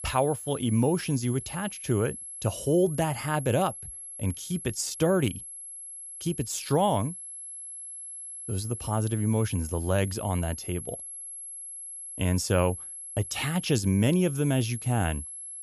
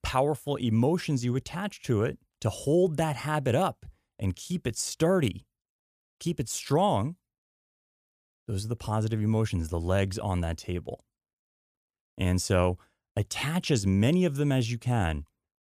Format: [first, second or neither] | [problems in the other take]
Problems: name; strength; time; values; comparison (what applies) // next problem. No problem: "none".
second | high-pitched whine; loud; throughout; 11 kHz, 10 dB below the speech